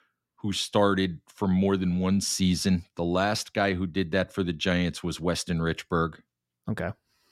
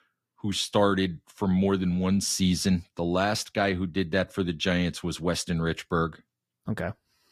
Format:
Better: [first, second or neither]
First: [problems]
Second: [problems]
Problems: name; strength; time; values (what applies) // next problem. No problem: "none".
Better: first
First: none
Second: garbled, watery; slightly; nothing above 12.5 kHz